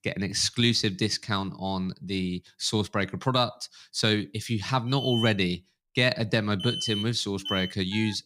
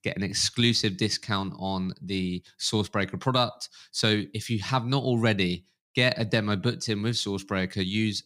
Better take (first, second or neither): second